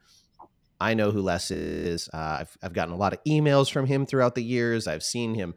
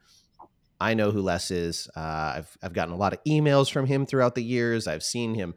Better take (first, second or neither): second